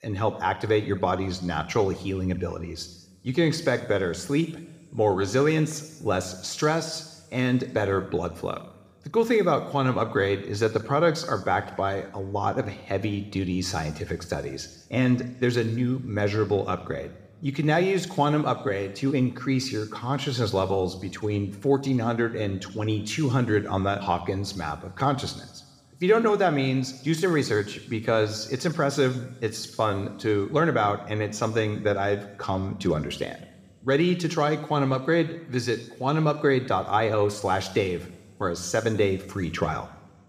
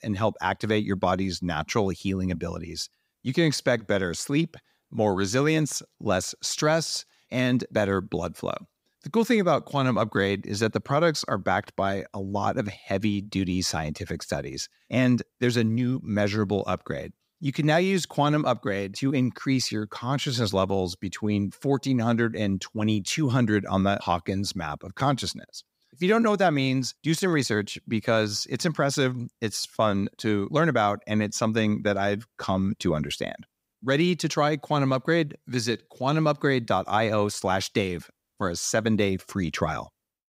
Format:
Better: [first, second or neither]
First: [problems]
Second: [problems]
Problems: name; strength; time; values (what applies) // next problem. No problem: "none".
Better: second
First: room echo; slight; dies away in 1.8 s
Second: none